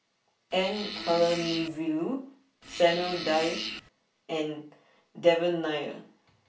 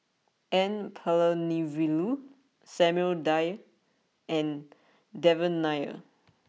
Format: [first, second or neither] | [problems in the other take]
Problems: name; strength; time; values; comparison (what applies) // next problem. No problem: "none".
second | background sound (Fart); 7 dB below the speech // room echo; dies away in 0.3 s